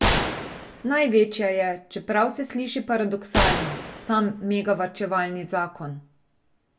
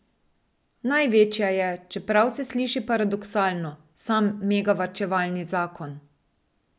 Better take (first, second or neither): second